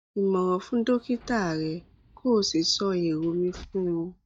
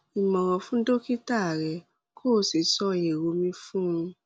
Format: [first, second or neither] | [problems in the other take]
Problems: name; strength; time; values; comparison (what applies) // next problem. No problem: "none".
second | noise reduction (neural mask model DeepFilterNet 3)